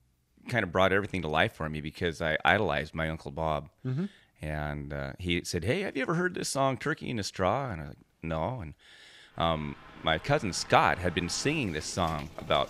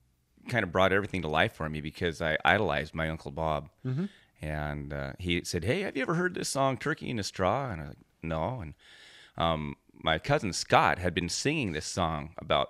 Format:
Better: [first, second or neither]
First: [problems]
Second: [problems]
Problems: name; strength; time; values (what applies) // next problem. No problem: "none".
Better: second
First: traffic noise; noticeable; from 9.5 s on; 20 dB below the speech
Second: none